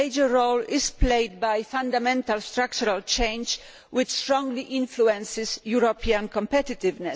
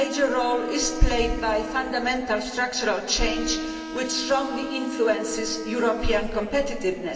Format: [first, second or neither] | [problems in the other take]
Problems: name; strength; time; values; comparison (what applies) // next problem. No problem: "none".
first | background sound (Bowed string instrument); 10 dB below the speech // room echo; dies away in 2.9 s